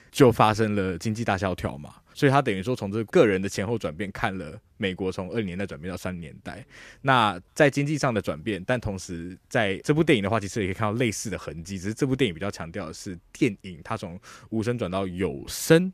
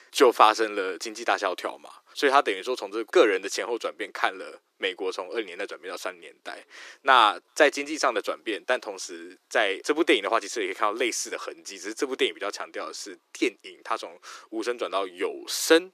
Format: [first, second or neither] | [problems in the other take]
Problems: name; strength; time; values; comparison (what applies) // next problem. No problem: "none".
first | thin; very; fading below 350 Hz